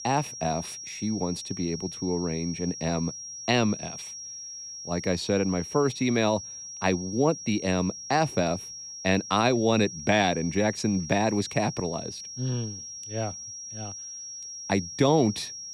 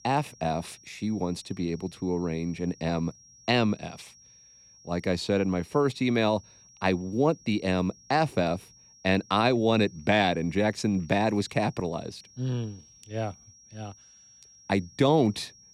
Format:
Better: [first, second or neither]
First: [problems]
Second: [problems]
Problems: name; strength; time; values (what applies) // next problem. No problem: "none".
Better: second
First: high-pitched whine; loud; throughout; 5.5 kHz, 10 dB below the speech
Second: high-pitched whine; faint; throughout; 5.5 kHz, 25 dB below the speech